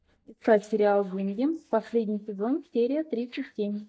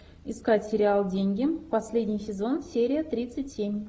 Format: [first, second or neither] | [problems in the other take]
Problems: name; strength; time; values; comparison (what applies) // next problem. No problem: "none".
second | noise reduction (neural mask model DeepFilterNet 3)